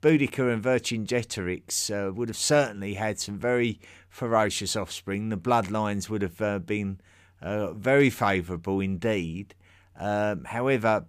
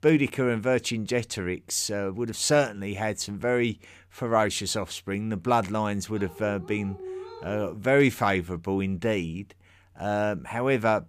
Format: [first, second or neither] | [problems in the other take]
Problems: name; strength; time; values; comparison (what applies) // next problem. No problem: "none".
first | dog barking; faint; from 6 to 8 s; peak 10 dB below the speech